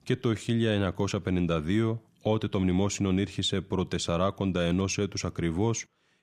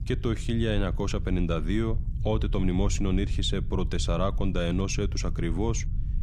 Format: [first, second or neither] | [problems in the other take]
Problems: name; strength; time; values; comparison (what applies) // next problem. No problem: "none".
first | low rumble; noticeable; throughout; 15 dB below the speech